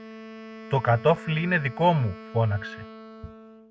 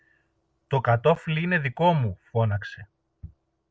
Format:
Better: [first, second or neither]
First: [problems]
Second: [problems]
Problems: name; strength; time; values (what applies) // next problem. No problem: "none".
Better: second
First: background sound (Wind instrument, woodwind instrument); 16 dB below the speech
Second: none